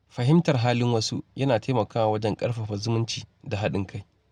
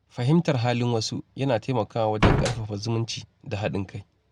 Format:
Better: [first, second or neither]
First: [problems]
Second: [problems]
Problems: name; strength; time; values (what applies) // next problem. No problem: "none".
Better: first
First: none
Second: background sound (Slam); 5 dB above the speech